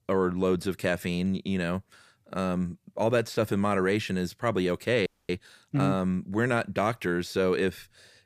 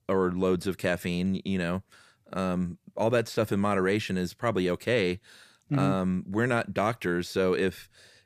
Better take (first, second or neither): second